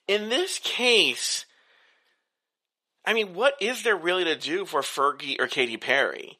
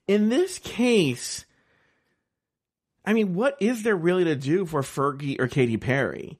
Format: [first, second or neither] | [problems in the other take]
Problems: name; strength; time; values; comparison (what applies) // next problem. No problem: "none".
second | thin; very; fading below 650 Hz